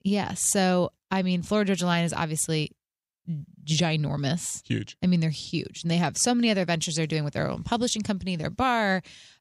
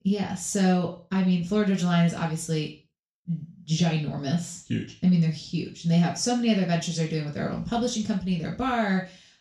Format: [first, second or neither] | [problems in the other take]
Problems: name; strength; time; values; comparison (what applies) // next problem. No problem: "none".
first | room echo; slight; dies away in 0.3 s // off-mic speech; far